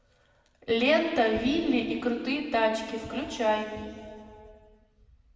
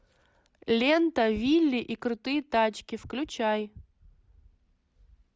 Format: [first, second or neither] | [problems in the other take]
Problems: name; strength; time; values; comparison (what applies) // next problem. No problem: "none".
second | room echo; dies away in 2.2 s